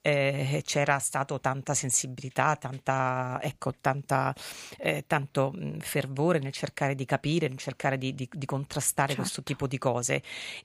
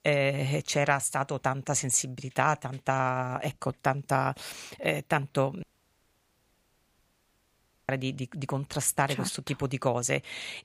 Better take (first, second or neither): first